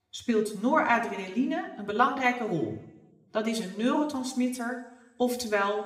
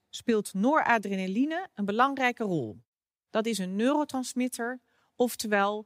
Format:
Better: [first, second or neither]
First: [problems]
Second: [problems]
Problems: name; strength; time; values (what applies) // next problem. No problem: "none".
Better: second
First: room echo; slight; dies away in 0.8 s // off-mic speech; somewhat distant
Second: none